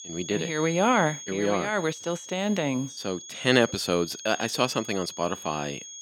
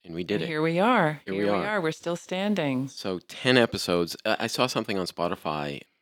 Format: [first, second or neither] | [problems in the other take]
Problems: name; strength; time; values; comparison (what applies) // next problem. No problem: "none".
second | high-pitched whine; noticeable; throughout; 6.5 kHz, 10 dB below the speech